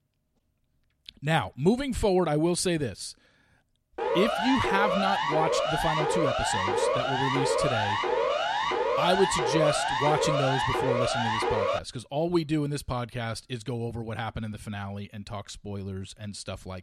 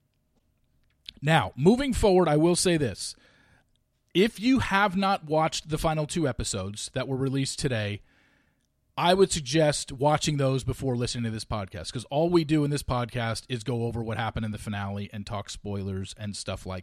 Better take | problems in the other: second | siren; loud; from 4 to 12 s; peak 4 dB above the speech

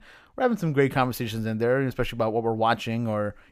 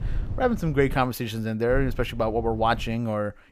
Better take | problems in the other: first | low rumble; faint; until 1 s and from 1.5 to 3 s; 25 dB below the speech

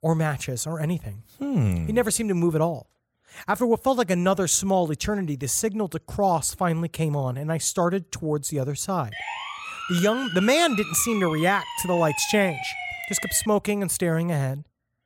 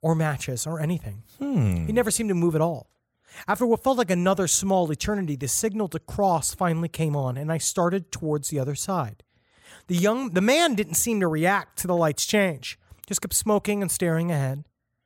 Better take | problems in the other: second | siren; noticeable; from 9 to 13 s; peak 6 dB below the speech

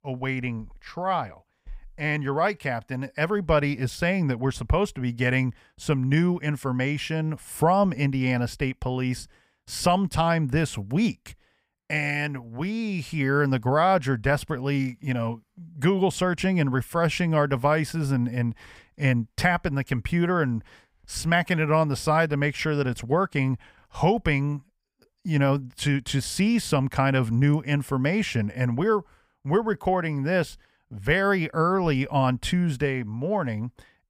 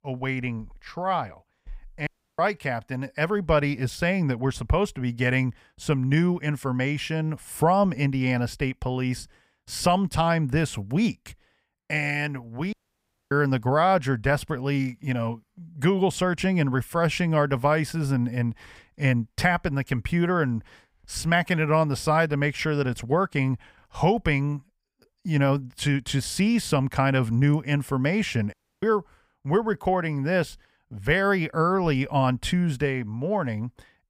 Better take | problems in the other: first | audio cutting out; at 2 s, at 13 s for 0.5 s and at 29 s

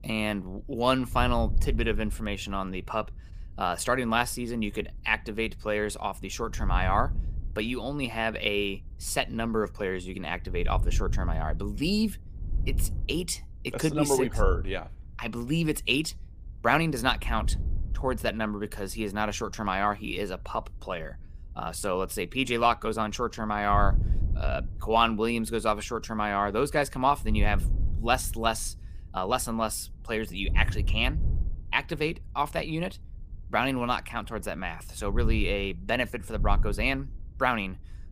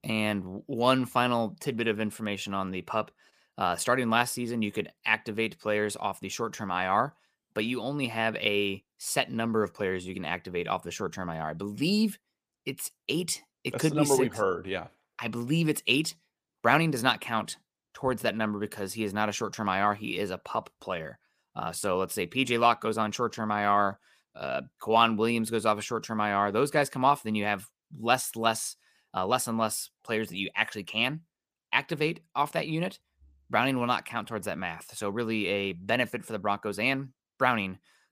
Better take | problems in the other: second | wind noise on the microphone; occasional gusts; 25 dB below the speech

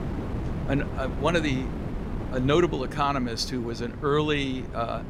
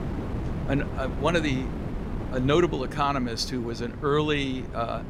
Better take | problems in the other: neither | wind noise on the microphone; occasional gusts; 10 dB below the speech; the same in both

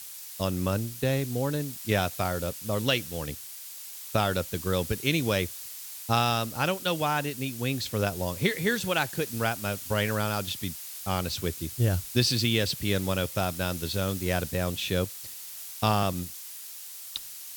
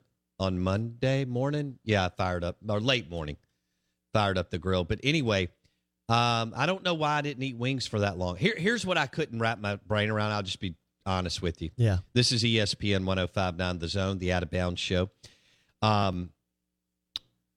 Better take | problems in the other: second | hiss; loud; throughout; 9 dB below the speech

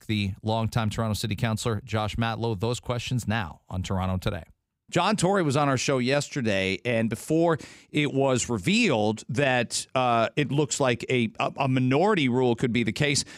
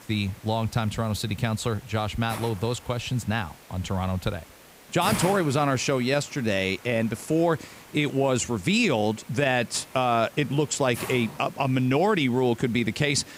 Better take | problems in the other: first | hiss; noticeable; throughout; 15 dB below the speech

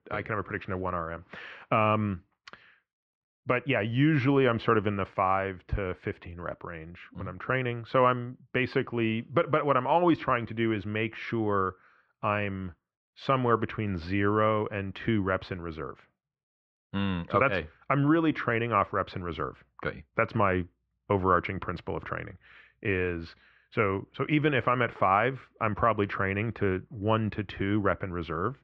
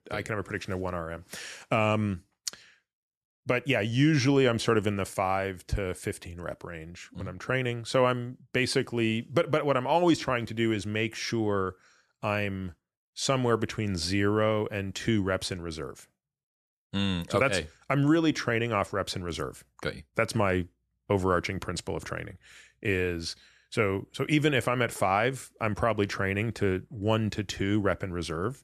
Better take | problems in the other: second | muffled; very; fading above 3 kHz

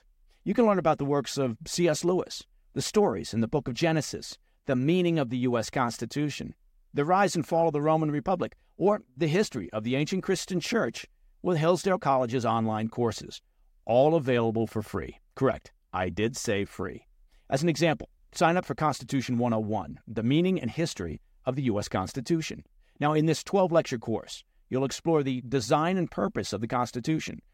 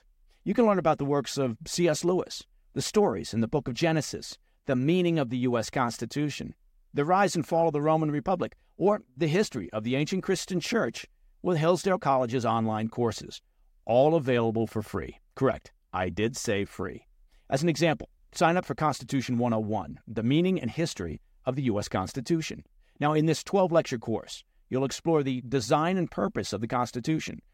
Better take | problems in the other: neither | none

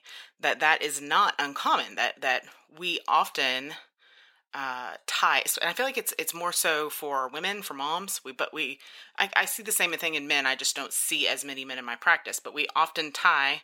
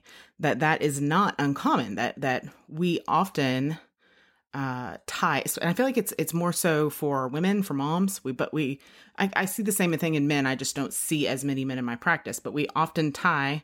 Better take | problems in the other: second | thin; very; fading below 700 Hz

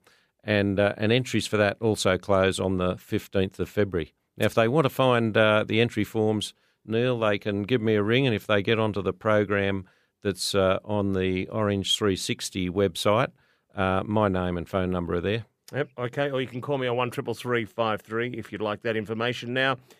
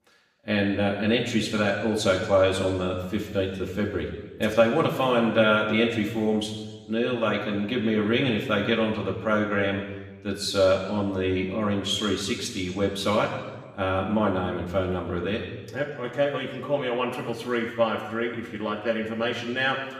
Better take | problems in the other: first | room echo; noticeable; dies away in 1.2 s // off-mic speech; somewhat distant

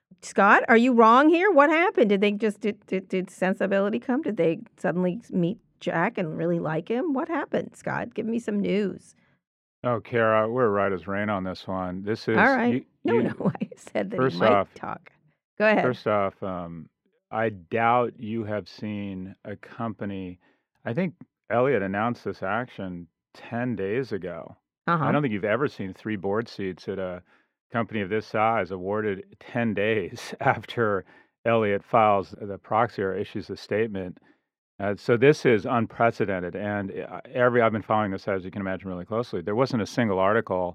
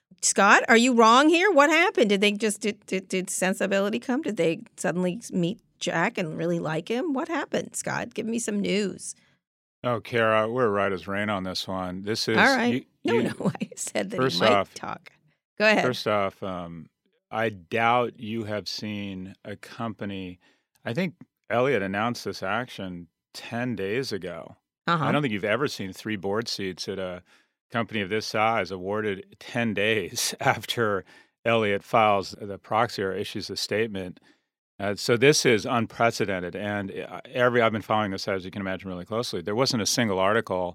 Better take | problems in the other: second | muffled; very; fading above 3.5 kHz

